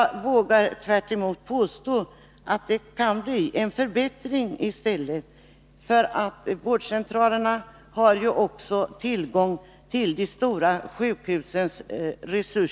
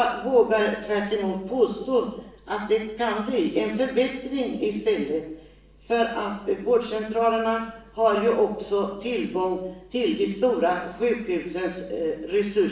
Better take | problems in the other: first | room echo; dies away in 0.7 s

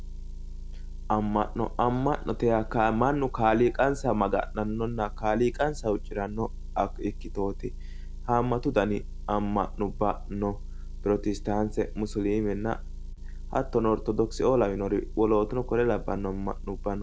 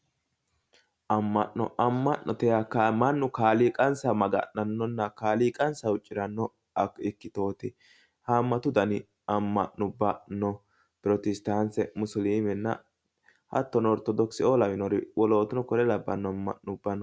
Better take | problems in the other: second | background sound (Motor vehicle (road) / Engine); 8 dB below the speech

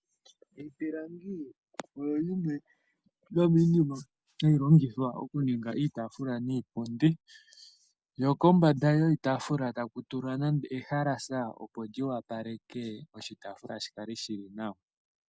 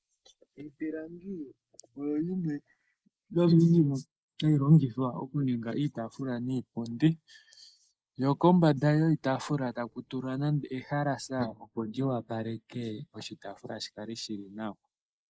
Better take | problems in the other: first | noise reduction (neural mask model Resemble Enhance denoiser)

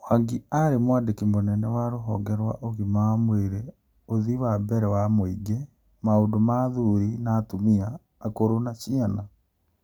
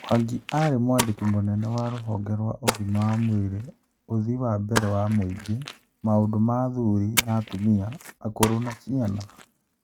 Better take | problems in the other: first | noise reduction (neural mask model RNNoise)

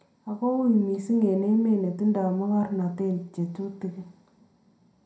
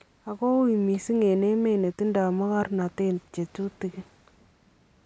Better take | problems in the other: second | room echo; dies away in 0.4 s

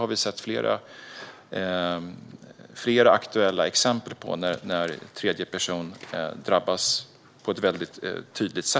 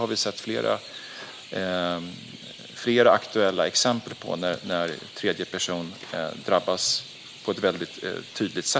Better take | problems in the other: first | background sound (Chirp, tweet); 17 dB below the speech

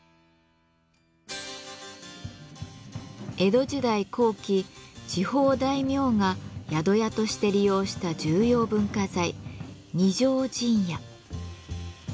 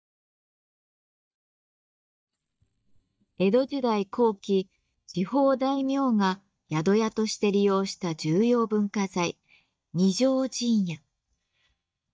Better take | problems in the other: first | noise reduction (neural mask model DeepFilterNet 3)

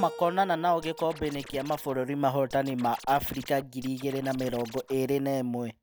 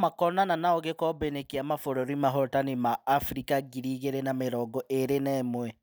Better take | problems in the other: second | background sound (Scratching (performance technique) + Keyboard (musical)); 18 dB below the speech

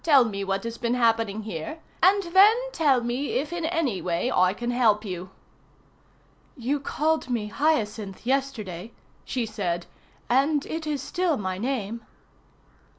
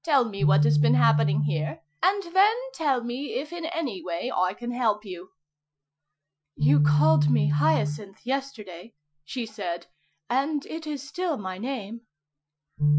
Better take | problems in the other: first | noise reduction (classical method Wiener filter)

